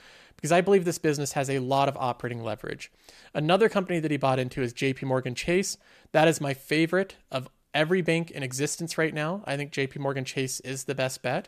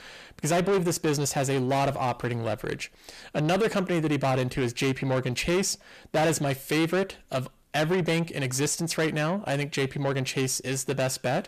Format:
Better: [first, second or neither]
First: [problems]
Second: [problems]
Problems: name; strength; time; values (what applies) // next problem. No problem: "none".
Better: first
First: none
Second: distortion; heavy; 7 dB below the speech